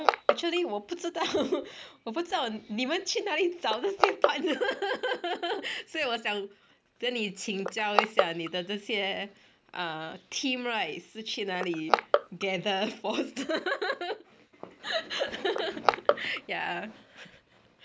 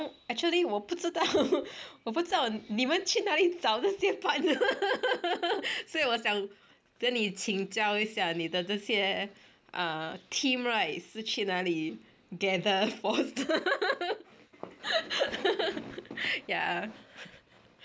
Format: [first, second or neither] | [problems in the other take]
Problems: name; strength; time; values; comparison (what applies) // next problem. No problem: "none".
second | background sound (Crushing); 3 dB below the speech